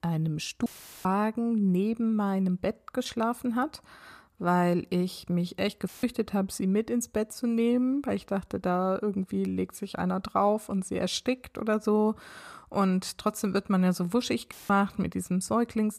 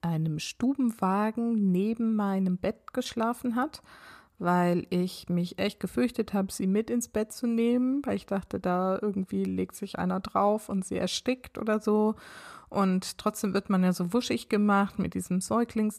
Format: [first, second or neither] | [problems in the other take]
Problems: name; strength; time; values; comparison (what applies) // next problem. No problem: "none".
second | audio cutting out; filled with static; at 0.5 s, at 6 s and at 15 s